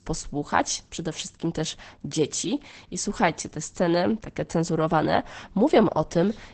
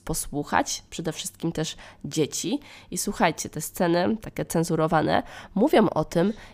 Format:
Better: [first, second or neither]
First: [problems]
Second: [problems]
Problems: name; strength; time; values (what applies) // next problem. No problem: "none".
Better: second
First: garbled, watery; badly; nothing above 8 kHz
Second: none